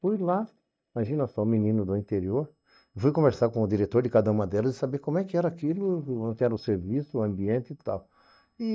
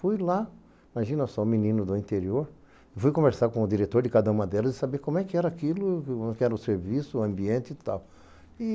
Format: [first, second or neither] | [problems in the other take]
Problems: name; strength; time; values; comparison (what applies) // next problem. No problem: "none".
second | noise reduction (neural mask model DeepFilterNet 3)